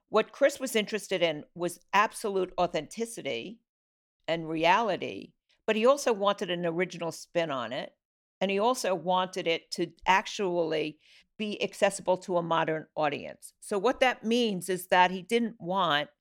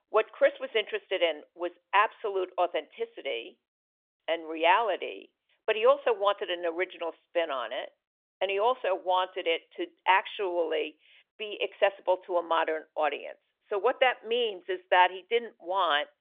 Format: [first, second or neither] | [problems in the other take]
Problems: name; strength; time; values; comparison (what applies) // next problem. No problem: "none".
first | phone-call audio; nothing above 3.5 kHz